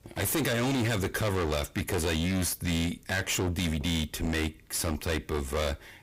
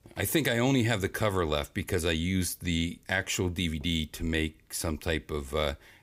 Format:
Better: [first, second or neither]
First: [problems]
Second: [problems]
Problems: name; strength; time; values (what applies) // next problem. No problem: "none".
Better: second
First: distortion; heavy; 31% of the sound clipped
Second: none